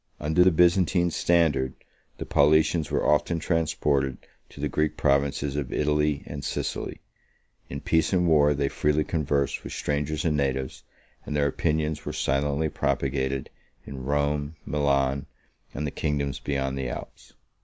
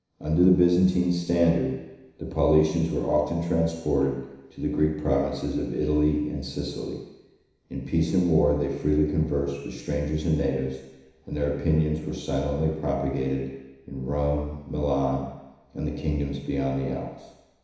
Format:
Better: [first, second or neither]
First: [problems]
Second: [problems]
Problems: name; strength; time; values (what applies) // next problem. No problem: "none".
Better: first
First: none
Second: room echo; dies away in 1 s